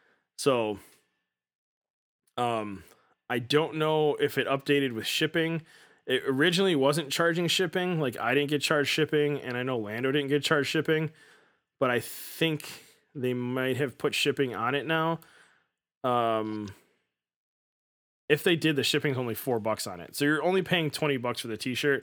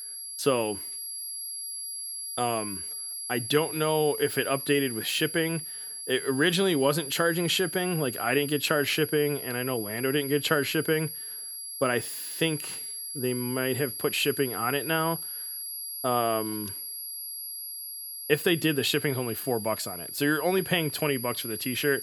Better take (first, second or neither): first